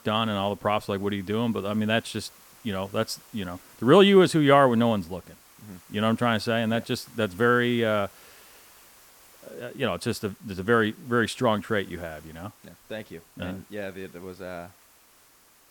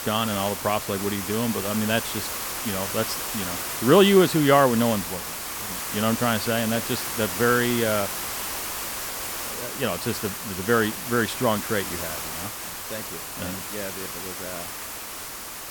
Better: first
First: hiss; faint; throughout; 25 dB below the speech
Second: hiss; loud; throughout; 5 dB below the speech

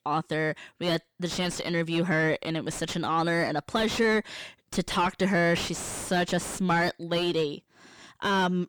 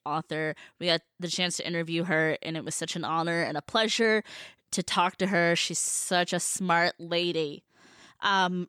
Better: second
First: distortion; heavy; 6 dB below the speech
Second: none

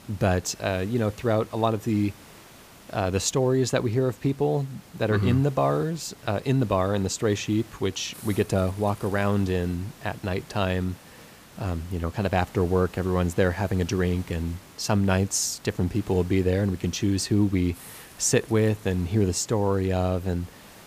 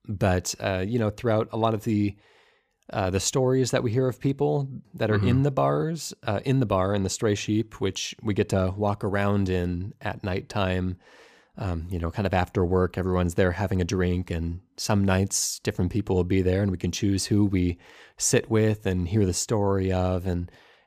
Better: second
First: hiss; faint; throughout; 20 dB below the speech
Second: none

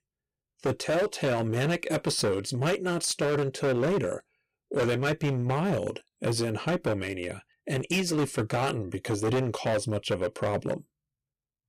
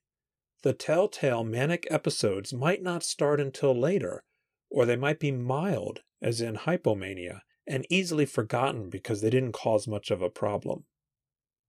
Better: second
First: distortion; heavy; 14% of the sound clipped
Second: none

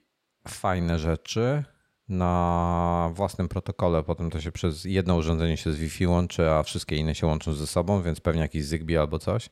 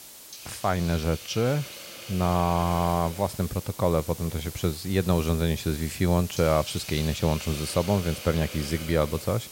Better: first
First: none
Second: hiss; noticeable; throughout; 10 dB below the speech

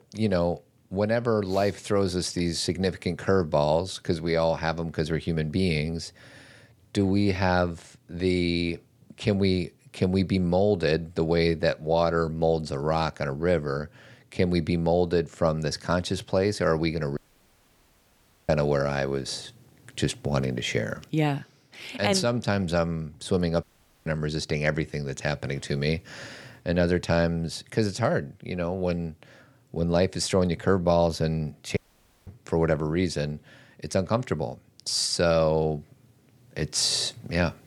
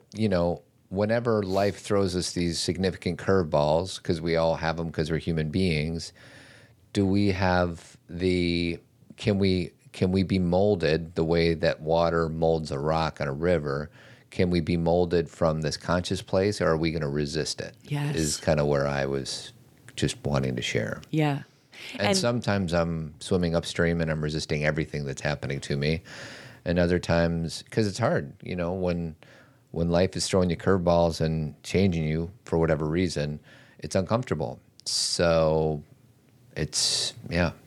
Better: second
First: audio cutting out; at 17 s for 1.5 s, at 24 s and at 32 s for 0.5 s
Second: none

